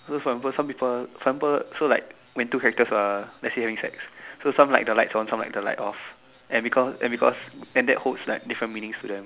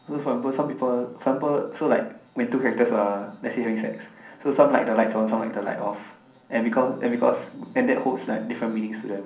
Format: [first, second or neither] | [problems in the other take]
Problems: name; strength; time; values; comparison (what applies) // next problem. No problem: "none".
first | room echo; dies away in 0.6 s